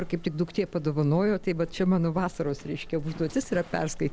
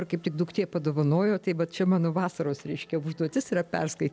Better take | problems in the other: second | background sound (Livestock, farm animals, working animals); 14 dB below the speech

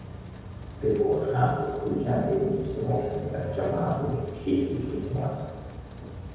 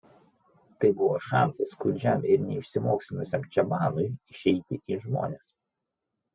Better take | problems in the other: second | background sound (Rain); 11 dB below the speech // room echo; dies away in 1.2 s

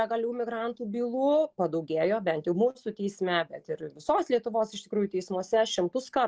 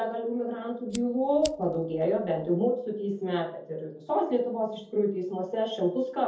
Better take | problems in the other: first | background sound (Fire); 18 dB below the speech // room echo; dies away in 0.5 s

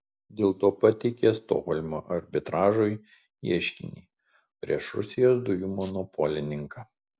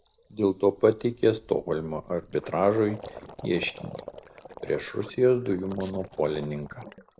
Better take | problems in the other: first | background sound (Gurgling); 18 dB below the speech

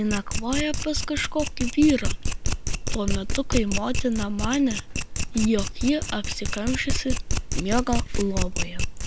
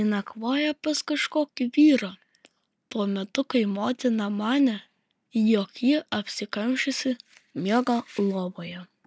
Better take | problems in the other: second | background sound (Domestic sounds, home sounds); as loud as the speech

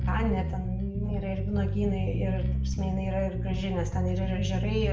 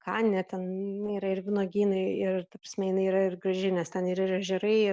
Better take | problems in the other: second | background sound (Bass guitar); 2 dB above the speech // room echo; dies away in 0.5 s

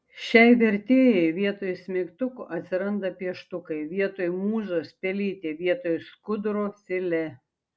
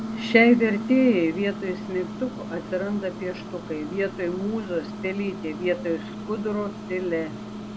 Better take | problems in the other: first | background sound (Microwave oven); 9 dB below the speech

